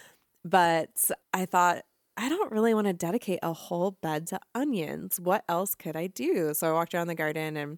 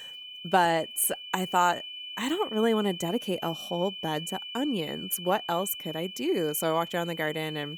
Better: first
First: none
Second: high-pitched whine; loud; throughout; 3 kHz, 9 dB below the speech

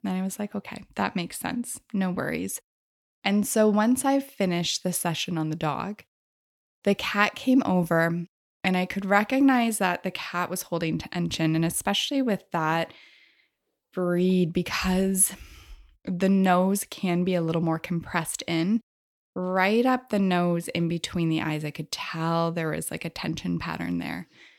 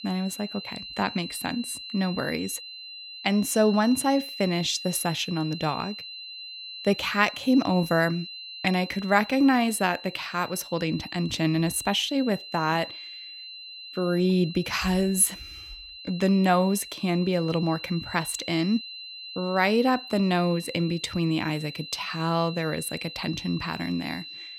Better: first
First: none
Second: high-pitched whine; noticeable; throughout; 4 kHz, 10 dB below the speech

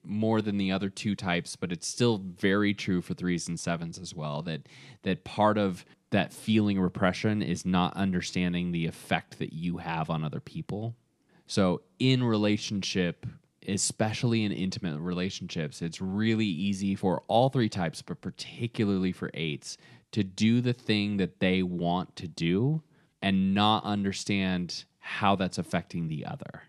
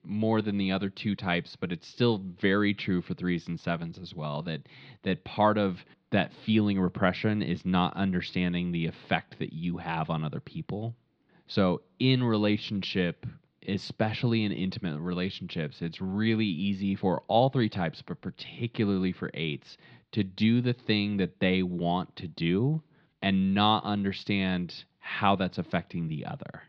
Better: first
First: none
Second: muffled; very slightly; fading above 4 kHz

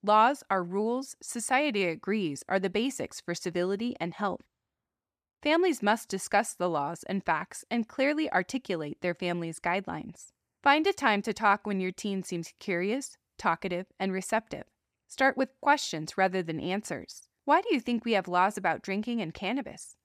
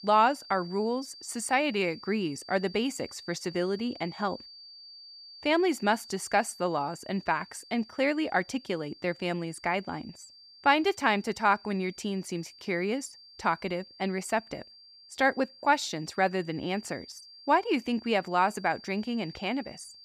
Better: first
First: none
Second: high-pitched whine; noticeable; throughout; 4.5 kHz, 20 dB below the speech

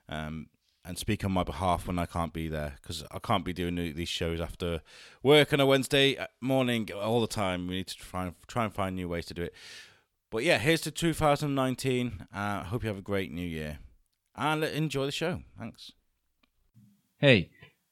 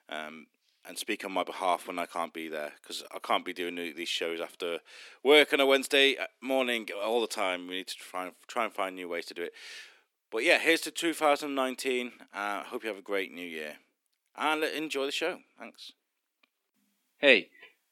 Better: first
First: none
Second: thin; somewhat; fading below 300 Hz

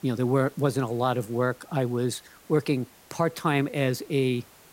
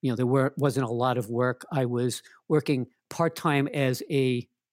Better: second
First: hiss; faint; throughout; 25 dB below the speech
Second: none

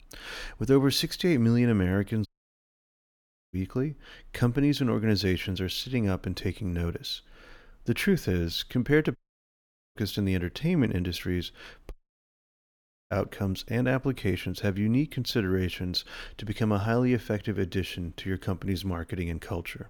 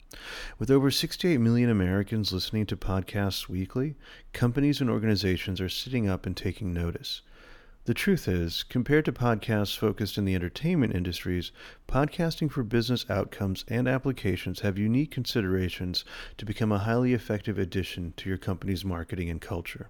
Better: second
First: audio cutting out; at 2.5 s for 1.5 s, at 9 s for 1 s and at 12 s for 1 s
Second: none

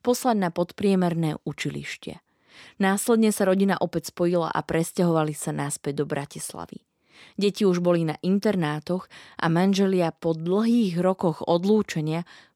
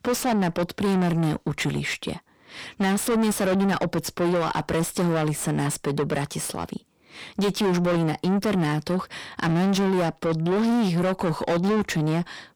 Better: first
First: none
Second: distortion; heavy; 7 dB below the speech

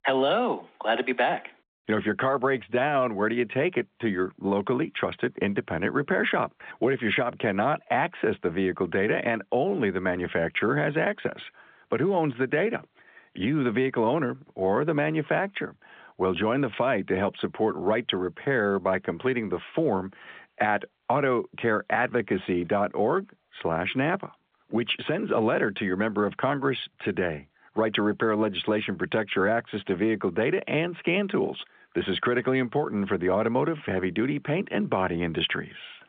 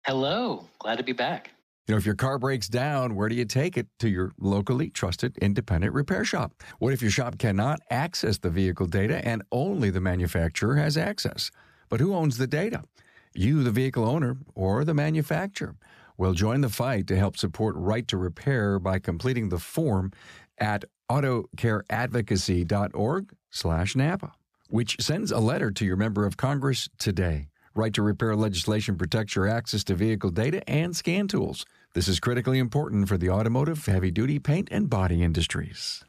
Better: second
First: phone-call audio; nothing above 3.5 kHz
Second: none

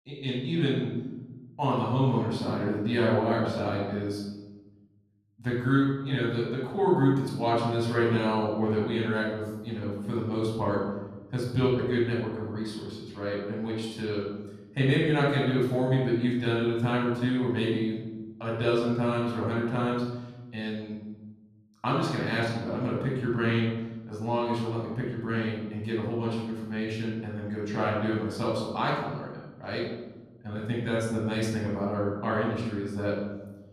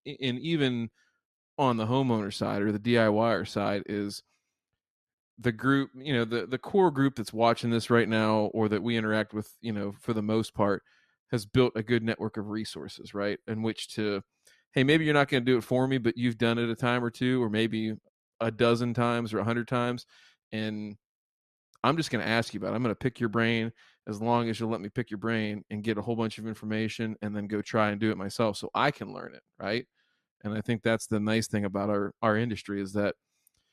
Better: second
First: off-mic speech; far // room echo; noticeable; dies away in 1.3 s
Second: none

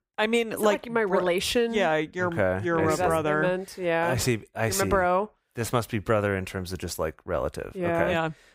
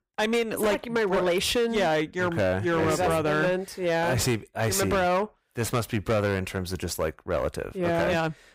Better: first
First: none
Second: distortion; slight; 11% of the sound clipped

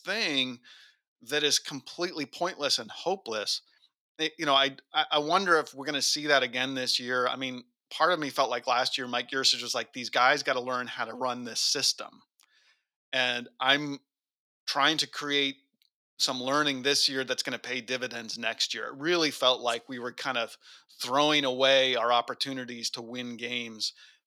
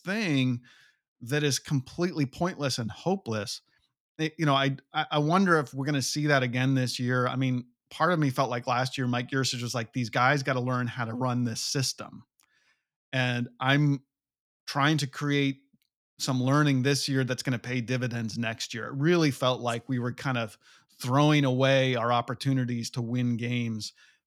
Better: second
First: thin; somewhat; fading below 450 Hz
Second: none

